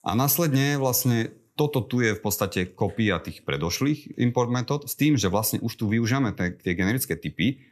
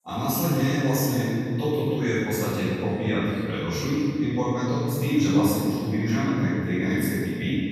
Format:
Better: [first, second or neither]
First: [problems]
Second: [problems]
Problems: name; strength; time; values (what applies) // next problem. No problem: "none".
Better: first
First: none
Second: room echo; strong; dies away in 2.6 s // off-mic speech; far